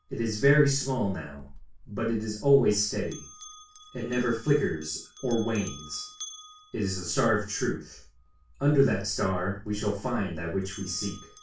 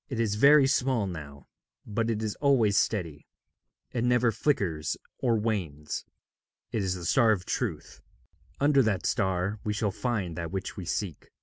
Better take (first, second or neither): second